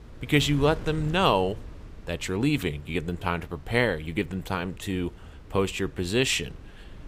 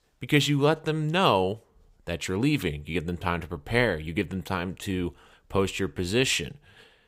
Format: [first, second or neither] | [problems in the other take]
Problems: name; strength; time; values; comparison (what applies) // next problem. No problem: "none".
second | wind noise on the microphone; occasional gusts; 25 dB below the speech